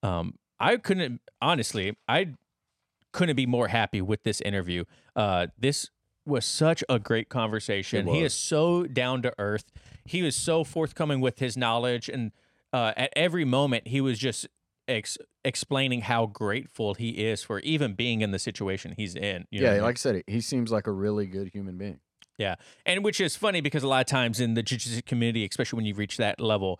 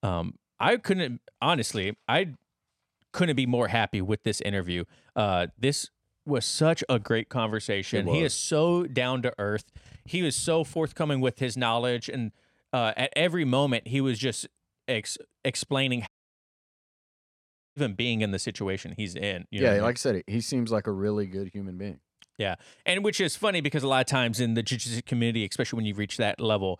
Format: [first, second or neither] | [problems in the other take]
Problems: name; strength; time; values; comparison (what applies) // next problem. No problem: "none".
first | audio cutting out; at 16 s for 1.5 s